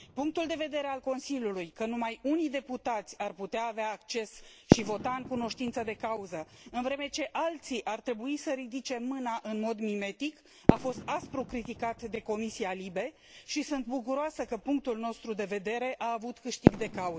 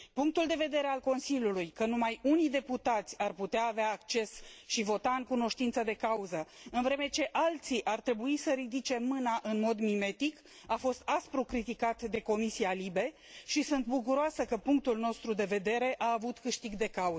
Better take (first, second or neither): second